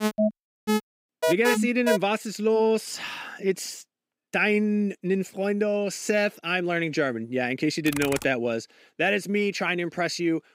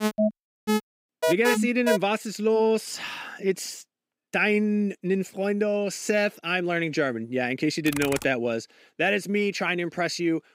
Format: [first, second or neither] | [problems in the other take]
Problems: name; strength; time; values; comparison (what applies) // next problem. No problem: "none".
neither | alarm; loud; until 2 s; peak 1 dB above the speech; the same in both // keyboard typing; noticeable; at 8 s; peak 7 dB below the speech; the same in both